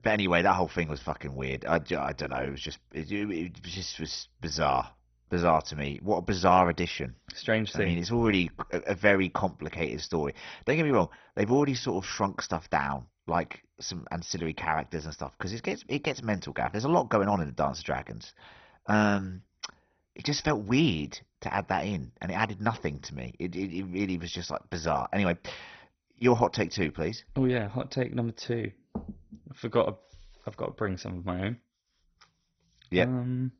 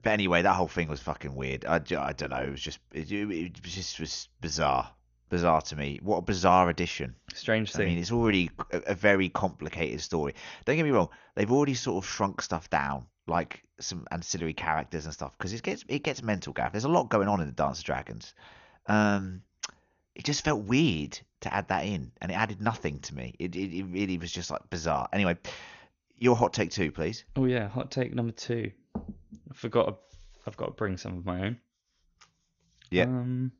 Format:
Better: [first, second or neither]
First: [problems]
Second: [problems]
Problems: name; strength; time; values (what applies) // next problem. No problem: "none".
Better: second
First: garbled, watery; badly; nothing above 6 kHz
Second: garbled, watery; slightly; nothing above 6.5 kHz